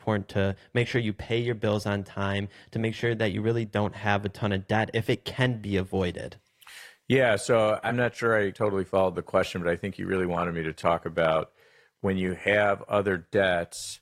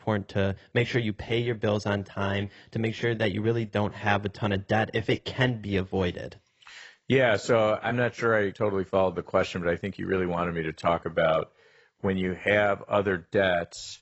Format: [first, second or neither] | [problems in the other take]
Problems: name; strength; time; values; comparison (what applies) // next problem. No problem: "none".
first | garbled, watery; badly; nothing above 8 kHz; slightly in the first